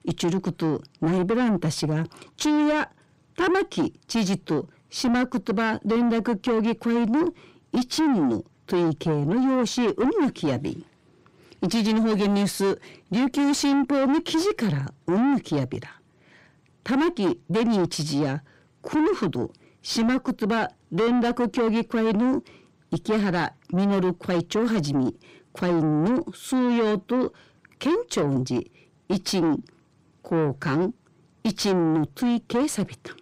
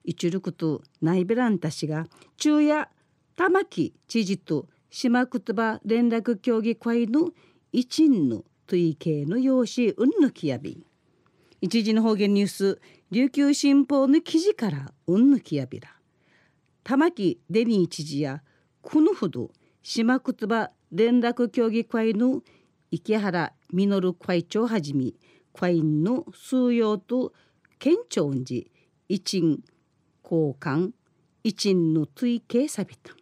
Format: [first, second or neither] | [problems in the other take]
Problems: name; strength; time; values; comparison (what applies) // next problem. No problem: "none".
second | distortion; heavy; 7 dB below the speech